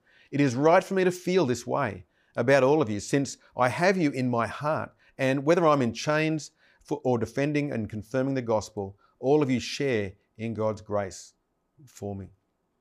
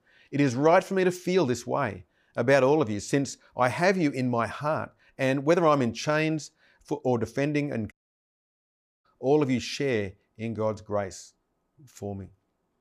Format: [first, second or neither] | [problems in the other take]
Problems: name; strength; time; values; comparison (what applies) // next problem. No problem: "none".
first | audio cutting out; at 8 s for 1 s